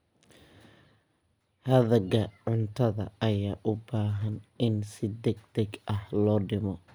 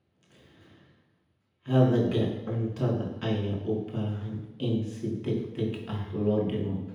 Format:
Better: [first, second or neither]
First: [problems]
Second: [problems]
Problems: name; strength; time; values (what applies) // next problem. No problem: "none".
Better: first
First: none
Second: room echo; dies away in 0.9 s